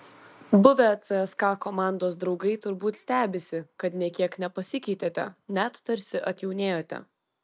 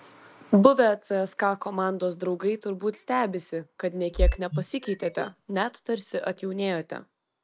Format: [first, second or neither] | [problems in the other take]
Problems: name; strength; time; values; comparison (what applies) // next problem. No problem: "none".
first | background sound (Bird vocalization, bird call, bird song); 4 dB below the speech